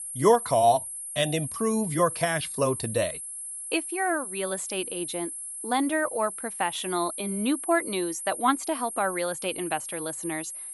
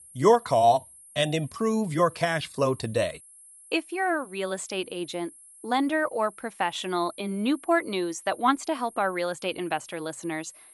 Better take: second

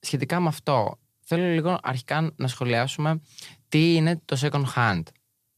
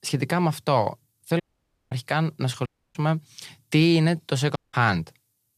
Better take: first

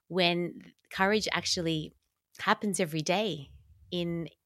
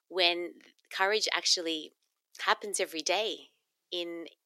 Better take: first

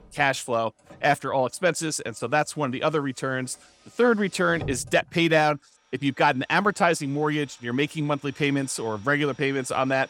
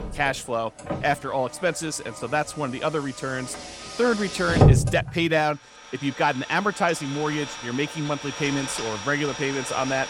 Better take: first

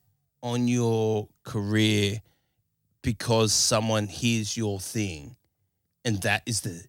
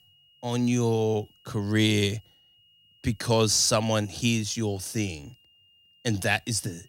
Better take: first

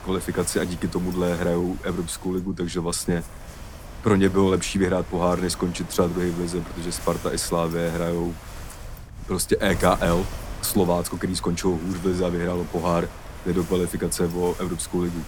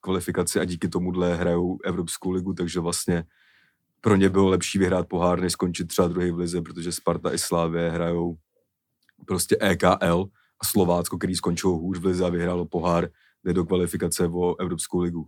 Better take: second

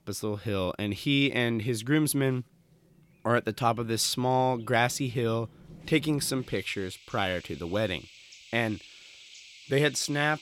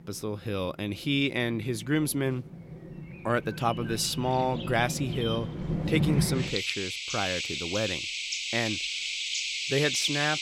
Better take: first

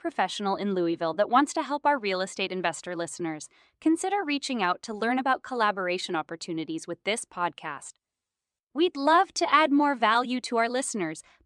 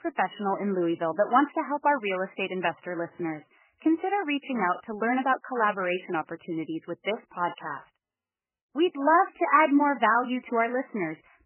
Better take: first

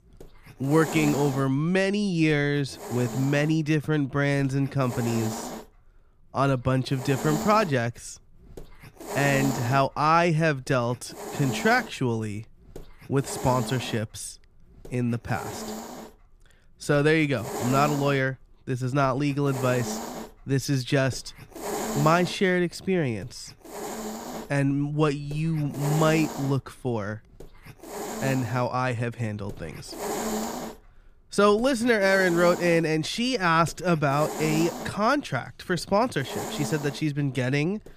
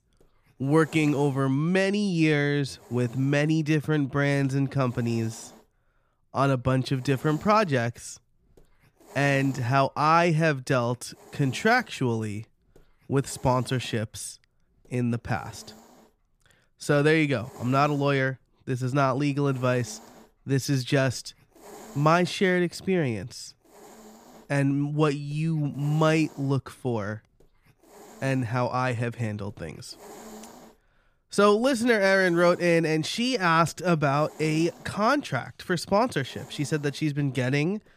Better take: second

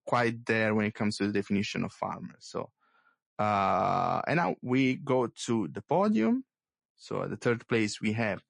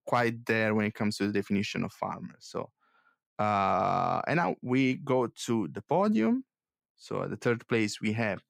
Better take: second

